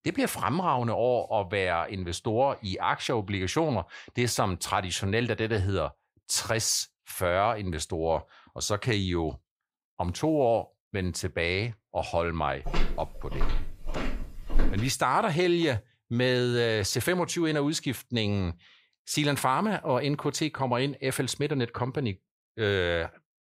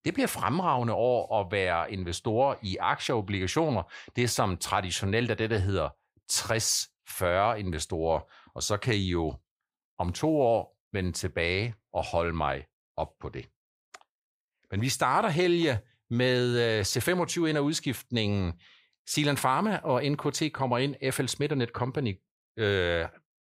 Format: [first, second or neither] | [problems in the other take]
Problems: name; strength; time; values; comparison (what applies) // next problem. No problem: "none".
second | footsteps; noticeable; from 13 to 15 s; peak 4 dB below the speech